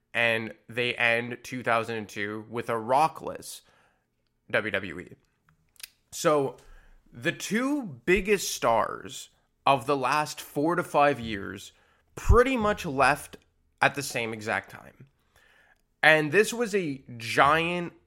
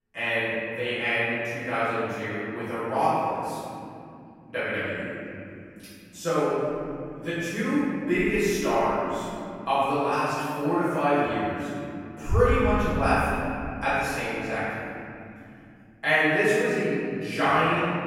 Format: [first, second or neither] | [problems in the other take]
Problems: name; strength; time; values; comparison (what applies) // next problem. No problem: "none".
first | off-mic speech; far // room echo; strong; dies away in 3 s